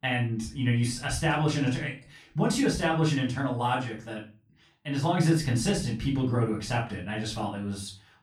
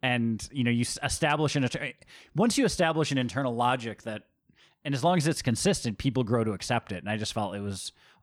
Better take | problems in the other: second | room echo; slight; dies away in 0.3 s // off-mic speech; far

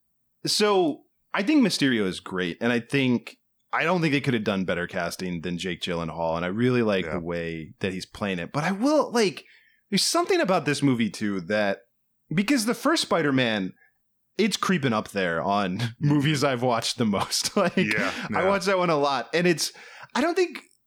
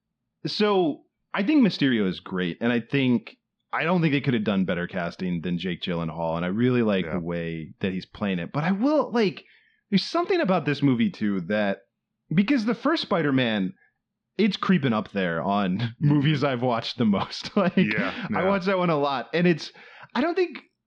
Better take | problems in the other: first | muffled; very slightly; fading above 4 kHz

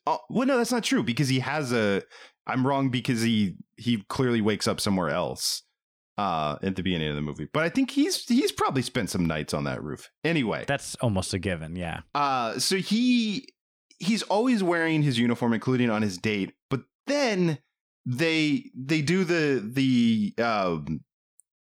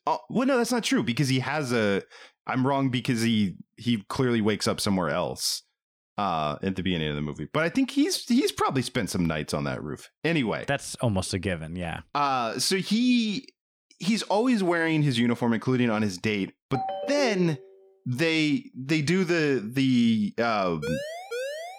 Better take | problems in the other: first | phone ringing; noticeable; at 17 s; peak 6 dB below the speech // siren; noticeable; at 21 s; peak 7 dB below the speech

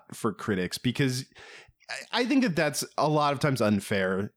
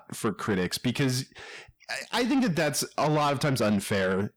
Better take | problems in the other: first | distortion; slight; 10 dB below the speech

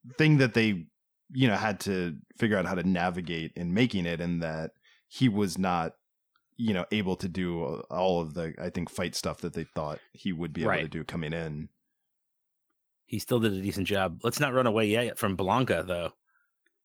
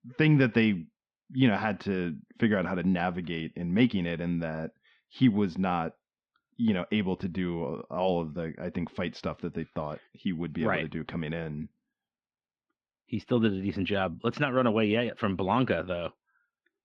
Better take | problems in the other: first | muffled; slightly; fading above 3.5 kHz

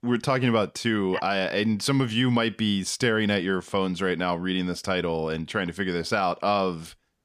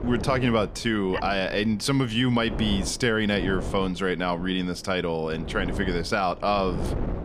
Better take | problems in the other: first | wind noise on the microphone; occasional gusts; 15 dB below the speech

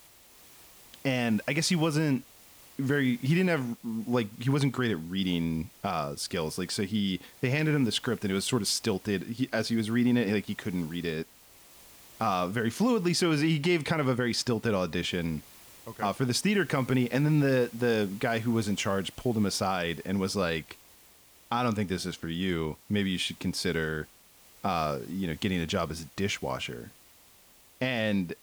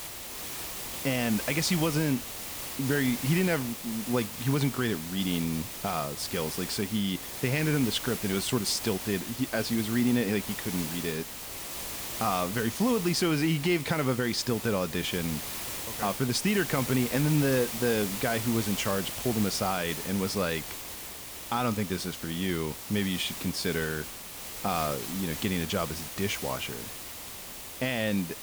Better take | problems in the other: first | hiss; loud; throughout; 5 dB below the speech; faint in the first

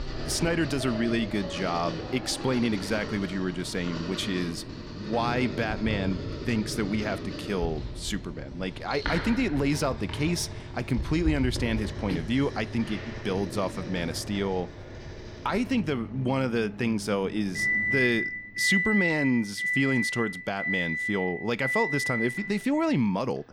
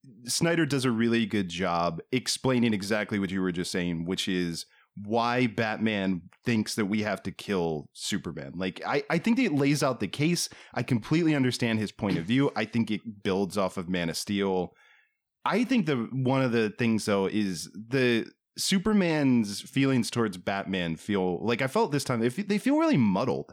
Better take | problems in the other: second | household noises; loud; throughout; 4 dB below the speech

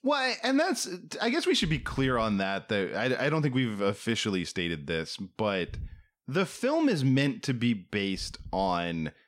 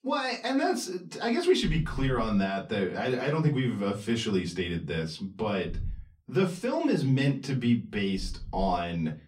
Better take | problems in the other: first | off-mic speech; far // room echo; very slight; dies away in 0.3 s

